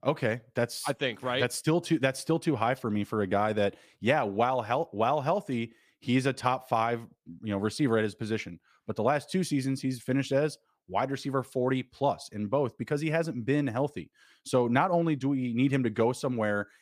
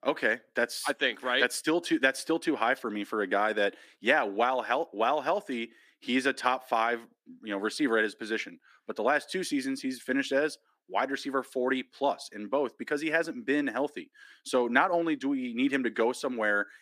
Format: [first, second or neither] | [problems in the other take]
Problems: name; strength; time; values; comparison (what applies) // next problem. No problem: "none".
first | thin; very slightly; fading below 250 Hz